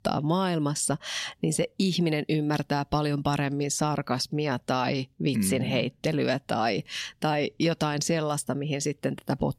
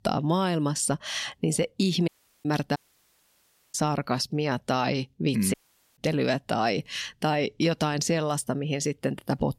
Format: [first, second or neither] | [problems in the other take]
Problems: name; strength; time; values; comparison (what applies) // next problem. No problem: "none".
first | audio cutting out; at 2 s, at 3 s for 1 s and at 5.5 s